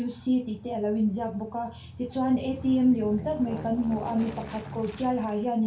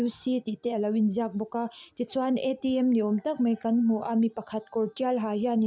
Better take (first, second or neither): second